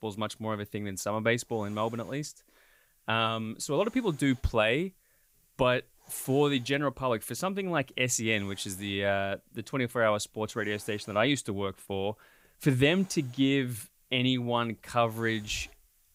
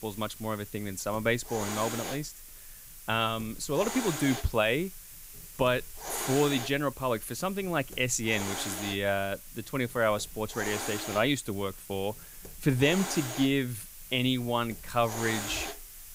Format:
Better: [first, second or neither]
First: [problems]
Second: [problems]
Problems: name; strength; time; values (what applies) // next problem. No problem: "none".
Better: first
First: hiss; faint; throughout; 30 dB below the speech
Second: hiss; loud; throughout; 9 dB below the speech